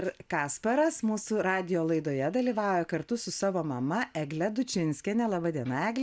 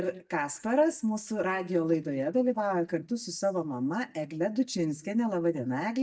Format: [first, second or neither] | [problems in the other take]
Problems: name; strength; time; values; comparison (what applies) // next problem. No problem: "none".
first | noise reduction (neural mask model DeepFilterNet 3)